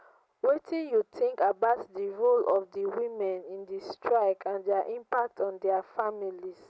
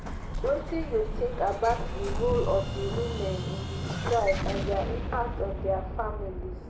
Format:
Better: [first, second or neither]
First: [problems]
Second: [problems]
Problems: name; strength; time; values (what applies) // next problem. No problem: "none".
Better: first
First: none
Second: background sound (Explosion); 2 dB below the speech // room echo; dies away in 0.6 s